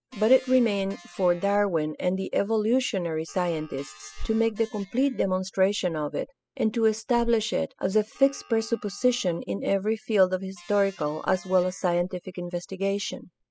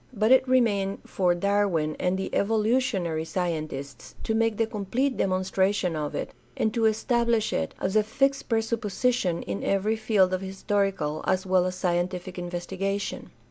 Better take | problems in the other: second | noise reduction (classical method spectral subtraction)

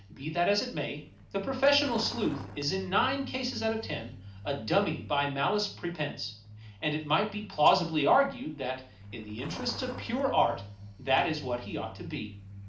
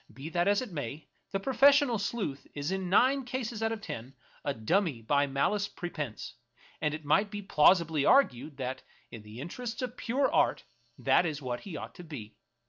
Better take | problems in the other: second | background sound (Truck); 16 dB below the speech // room echo; dies away in 0.4 s

